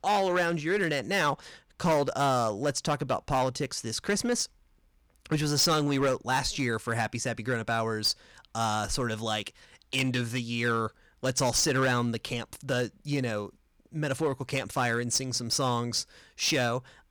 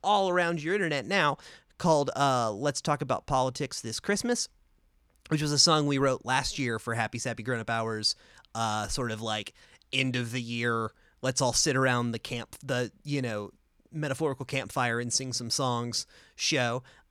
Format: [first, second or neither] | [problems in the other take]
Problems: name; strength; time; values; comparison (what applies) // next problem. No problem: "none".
second | distortion; slight; 5% of the sound clipped